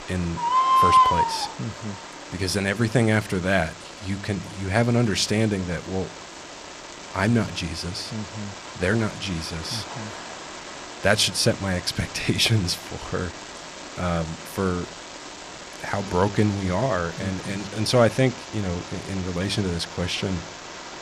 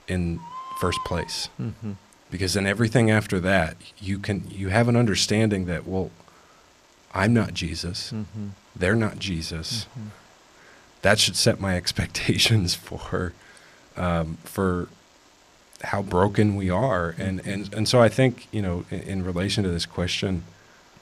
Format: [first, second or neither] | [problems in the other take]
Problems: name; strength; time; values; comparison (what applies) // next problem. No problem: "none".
second | animal sounds; loud; throughout; 5 dB below the speech; faint in the second